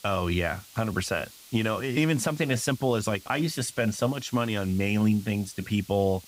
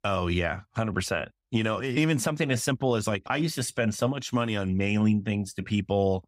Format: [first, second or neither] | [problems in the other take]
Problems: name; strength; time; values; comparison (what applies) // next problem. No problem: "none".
second | hiss; faint; throughout; 20 dB below the speech